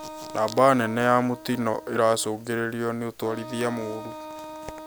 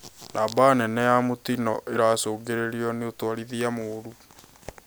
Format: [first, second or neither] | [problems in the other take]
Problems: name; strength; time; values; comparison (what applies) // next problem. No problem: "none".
second | background sound (Wind instrument, woodwind instrument); 15 dB below the speech